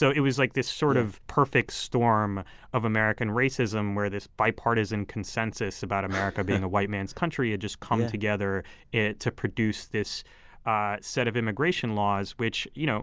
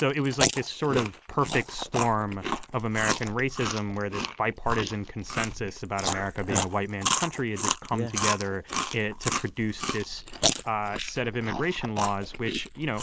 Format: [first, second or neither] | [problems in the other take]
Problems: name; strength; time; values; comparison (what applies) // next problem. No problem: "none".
first | noise reduction (neural mask model Resemble Enhance denoiser)